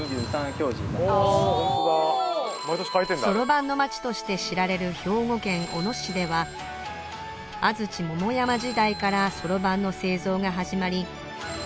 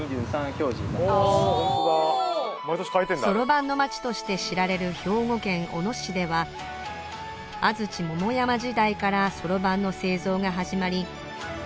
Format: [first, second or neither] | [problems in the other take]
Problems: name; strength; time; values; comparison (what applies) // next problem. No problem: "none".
second | background sound (Telephone); 18 dB below the speech